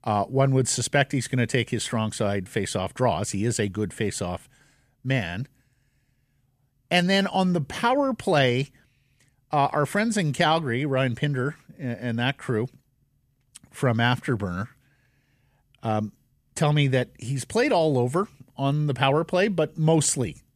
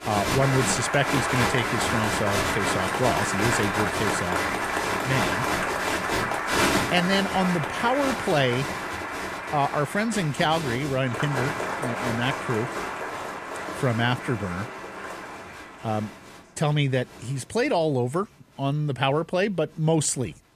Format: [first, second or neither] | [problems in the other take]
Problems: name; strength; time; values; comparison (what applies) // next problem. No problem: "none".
first | crowd noise; loud; throughout; 1 dB below the speech